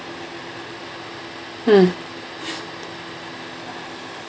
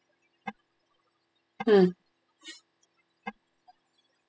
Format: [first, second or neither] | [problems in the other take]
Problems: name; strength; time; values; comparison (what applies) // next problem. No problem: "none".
first | noise reduction (classical method spectral subtraction)